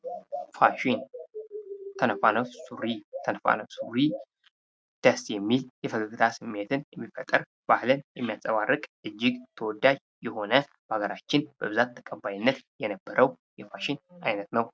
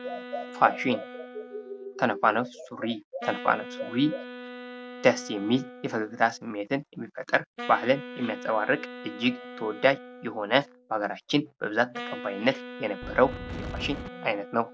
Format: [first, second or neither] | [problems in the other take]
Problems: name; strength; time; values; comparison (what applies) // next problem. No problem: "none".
first | background sound (Wind instrument, woodwind instrument + Wind); 13 dB below the speech